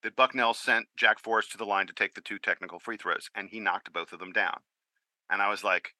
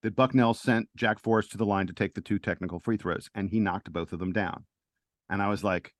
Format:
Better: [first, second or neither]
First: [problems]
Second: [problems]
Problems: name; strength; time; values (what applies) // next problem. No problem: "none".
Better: second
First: thin; very; fading below 650 Hz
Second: none